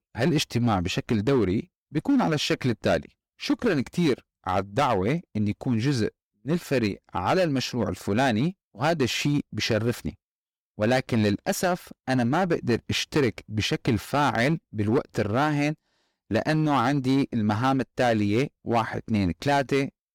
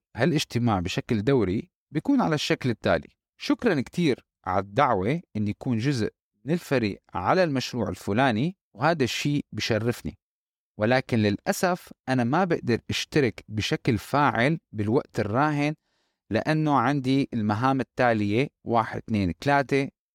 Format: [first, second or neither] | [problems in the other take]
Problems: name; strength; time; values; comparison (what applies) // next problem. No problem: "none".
second | distortion; slight; 5% of the sound clipped